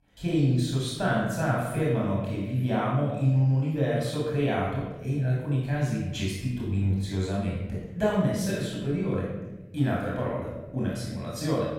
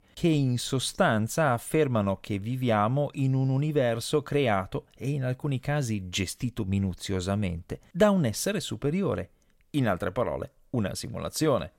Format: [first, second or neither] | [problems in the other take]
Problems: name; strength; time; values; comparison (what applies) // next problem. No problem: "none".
second | off-mic speech; far // room echo; strong; dies away in 1.1 s